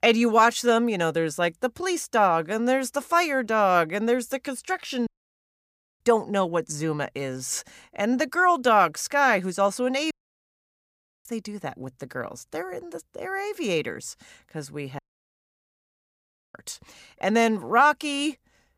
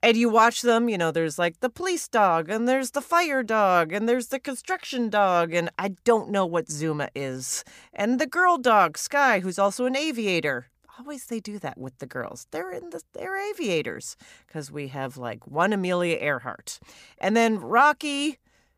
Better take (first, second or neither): second